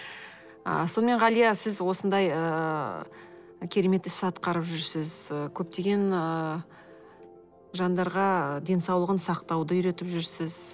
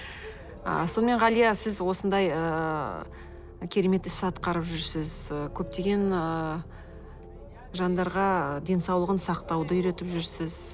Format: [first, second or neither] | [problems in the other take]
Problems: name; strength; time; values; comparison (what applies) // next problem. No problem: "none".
first | background sound (Boat, Water vehicle); 15 dB below the speech